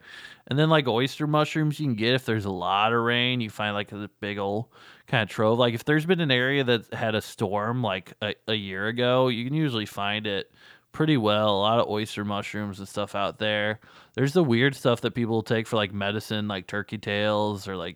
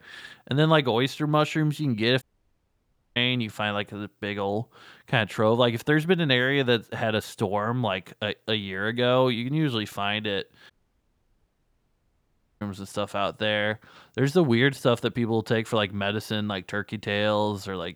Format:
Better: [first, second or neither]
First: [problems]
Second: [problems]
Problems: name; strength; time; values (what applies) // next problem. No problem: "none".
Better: first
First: none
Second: audio cutting out; at 2 s for 1 s and at 11 s for 2 s